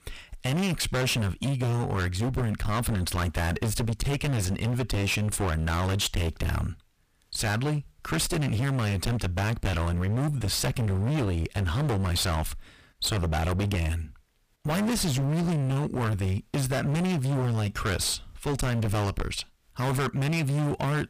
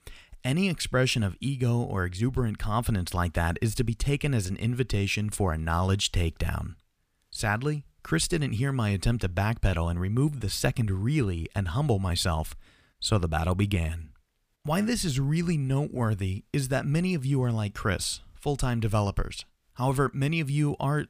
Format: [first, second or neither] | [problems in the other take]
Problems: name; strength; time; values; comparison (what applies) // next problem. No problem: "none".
second | distortion; heavy; 39% of the sound clipped